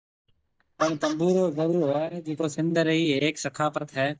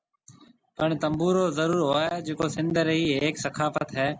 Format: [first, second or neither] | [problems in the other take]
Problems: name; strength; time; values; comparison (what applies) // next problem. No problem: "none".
second | noise reduction (neural mask model DeepFilterNet 3)